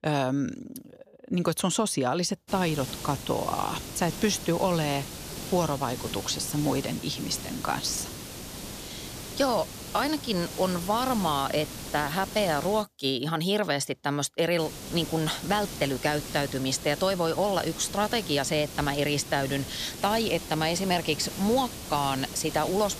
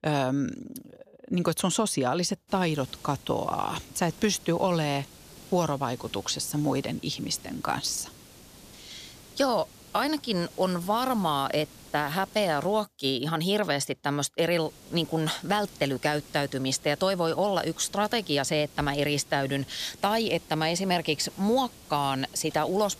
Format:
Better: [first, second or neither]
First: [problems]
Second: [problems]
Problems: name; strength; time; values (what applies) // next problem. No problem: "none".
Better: second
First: hiss; loud; from 2.5 to 13 s and from 15 s on; 10 dB below the speech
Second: hiss; faint; from 2.5 to 13 s and from 15 s on; 20 dB below the speech